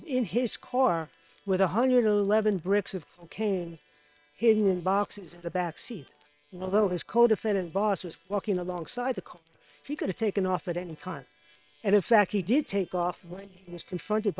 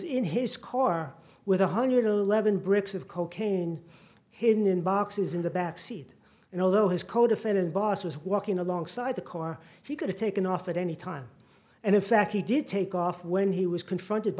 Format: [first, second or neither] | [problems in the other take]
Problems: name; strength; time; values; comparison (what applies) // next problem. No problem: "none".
second | noise reduction (neural separator model SepFormer WHAM!)